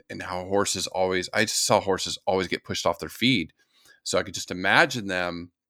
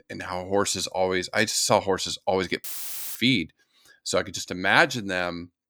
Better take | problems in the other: first | audio cutting out; filled with static; at 2.5 s for 0.5 s

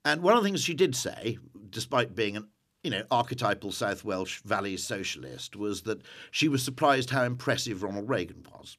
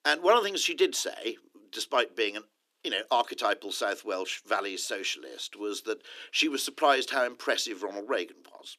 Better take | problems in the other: first | thin; somewhat; fading below 300 Hz

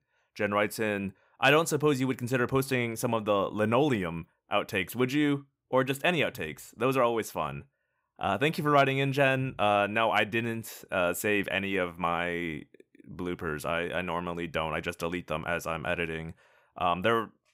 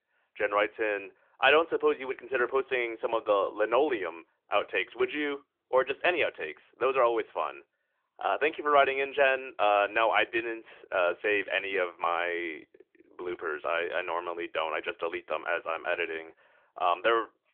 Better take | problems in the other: first | phone-call audio; nothing above 3.5 kHz

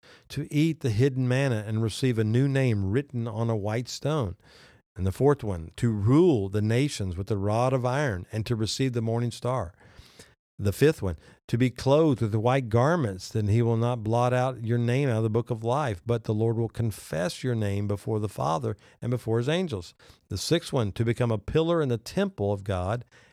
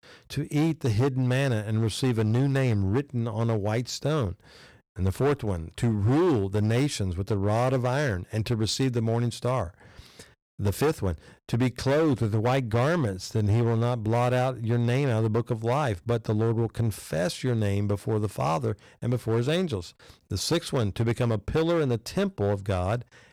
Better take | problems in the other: first | distortion; slight; 10% of the sound clipped

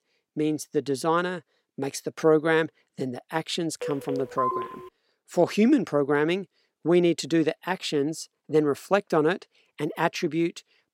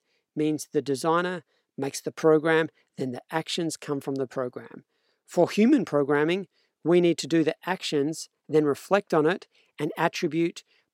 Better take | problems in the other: second | phone ringing; noticeable; from 4 to 5 s; peak 2 dB below the speech

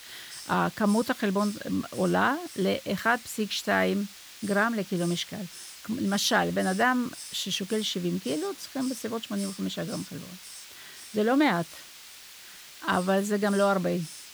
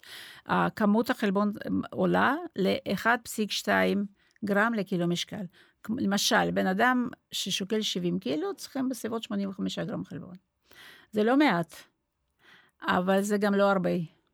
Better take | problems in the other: second | hiss; noticeable; throughout; 15 dB below the speech

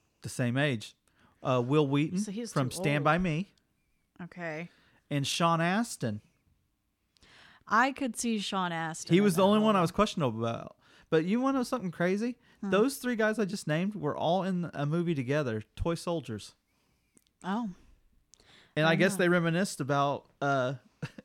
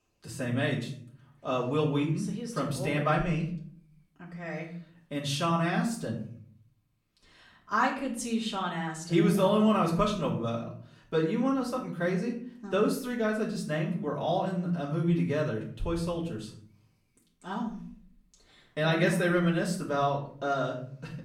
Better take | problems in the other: first | off-mic speech; far // room echo; slight; dies away in 0.5 s

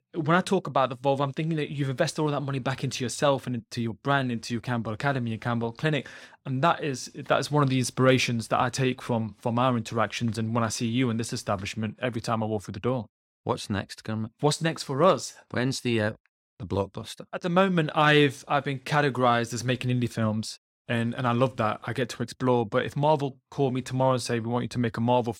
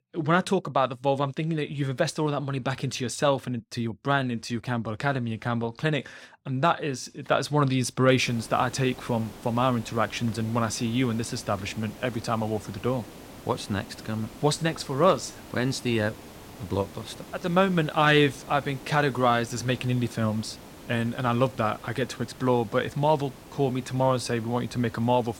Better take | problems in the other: first | hiss; noticeable; from 8.5 s on; 20 dB below the speech

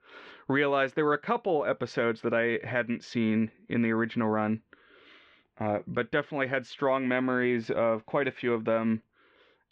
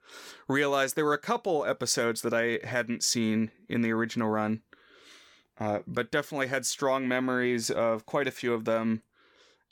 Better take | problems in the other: second | muffled; very; fading above 3 kHz

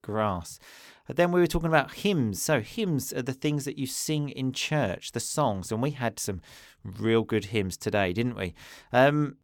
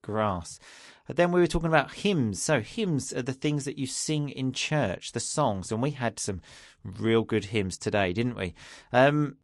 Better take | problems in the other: first | garbled, watery; slightly; nothing above 11 kHz

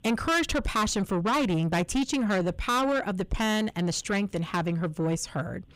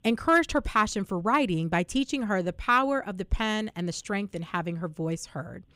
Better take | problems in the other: second | distortion; heavy; 6 dB below the speech

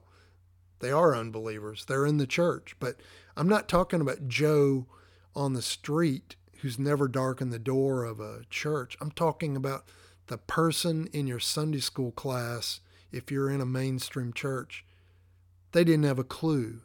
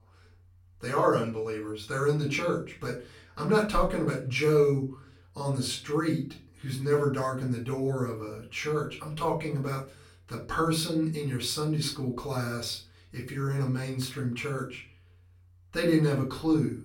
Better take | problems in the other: first | off-mic speech; far // room echo; slight; dies away in 0.3 s

